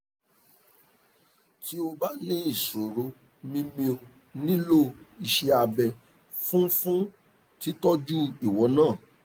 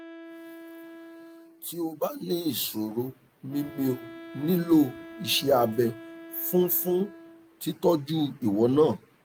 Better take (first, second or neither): first